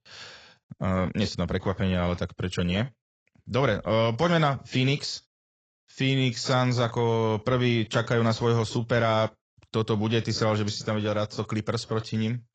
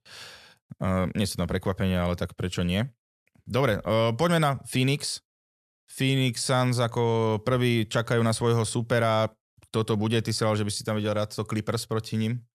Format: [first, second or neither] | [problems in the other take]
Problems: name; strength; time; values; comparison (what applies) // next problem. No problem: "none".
second | garbled, watery; badly; nothing above 7.5 kHz